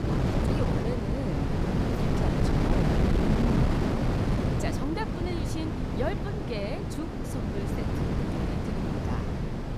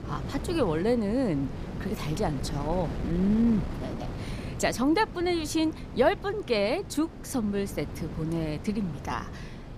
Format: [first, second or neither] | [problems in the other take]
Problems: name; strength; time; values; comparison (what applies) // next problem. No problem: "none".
second | wind noise on the microphone; heavy; 5 dB above the speech; occasional gusts in the second